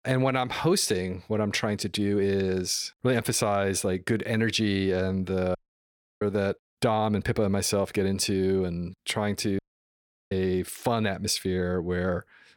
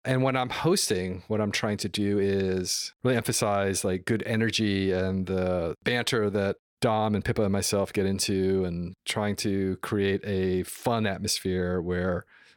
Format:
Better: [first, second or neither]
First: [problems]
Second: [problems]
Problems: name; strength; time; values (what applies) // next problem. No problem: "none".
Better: second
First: audio cutting out; at 5.5 s for 0.5 s and at 9.5 s for 0.5 s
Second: none